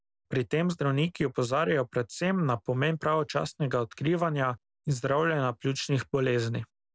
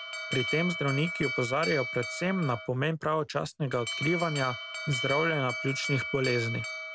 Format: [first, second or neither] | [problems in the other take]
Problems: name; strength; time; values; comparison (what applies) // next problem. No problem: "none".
first | background sound (Alarm); 6 dB below the speech